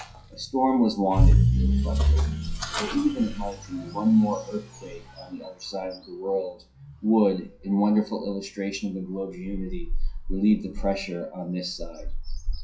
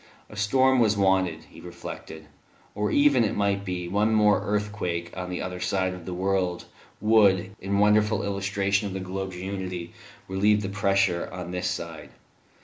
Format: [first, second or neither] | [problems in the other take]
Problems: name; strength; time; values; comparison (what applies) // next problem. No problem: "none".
second | noise reduction (classical method WPE with log-MMSE)